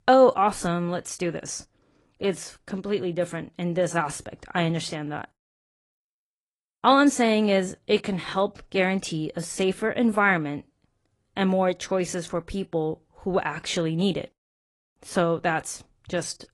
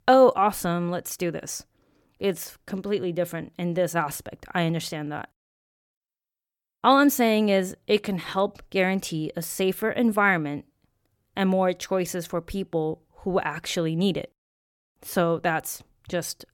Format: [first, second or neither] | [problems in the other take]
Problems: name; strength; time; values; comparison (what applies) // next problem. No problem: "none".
second | garbled, watery; slightly; nothing above 11.5 kHz